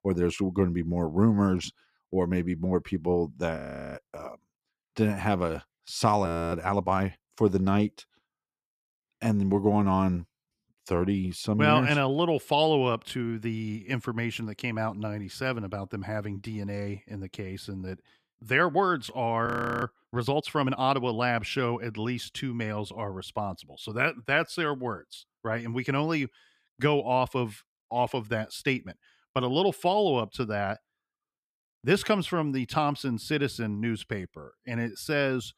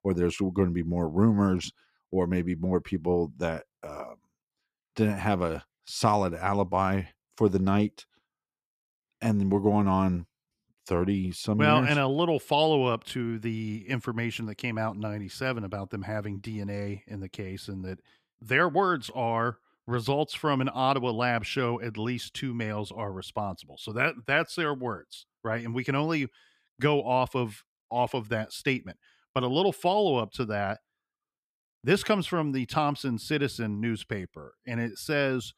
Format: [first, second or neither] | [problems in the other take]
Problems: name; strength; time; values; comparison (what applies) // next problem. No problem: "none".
second | audio freezing; at 3.5 s, at 6.5 s and at 19 s